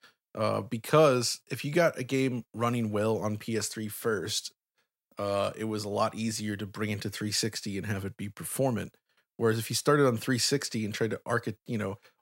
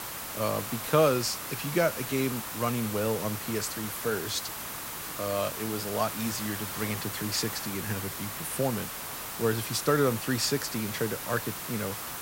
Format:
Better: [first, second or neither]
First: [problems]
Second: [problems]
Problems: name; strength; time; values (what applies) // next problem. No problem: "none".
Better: first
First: none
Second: hiss; loud; throughout; 4 dB below the speech